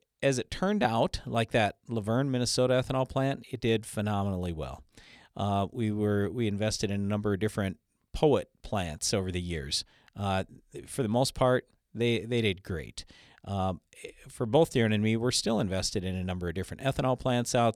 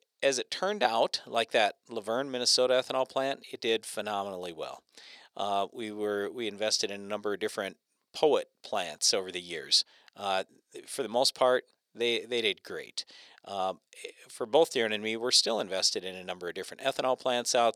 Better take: first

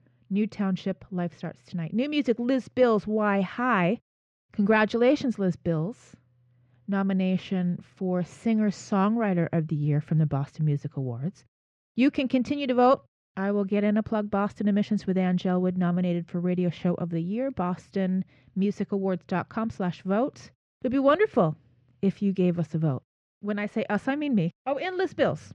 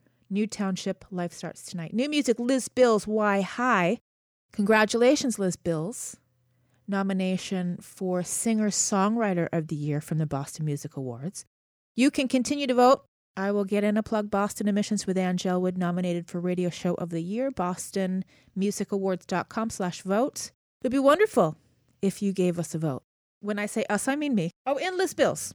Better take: second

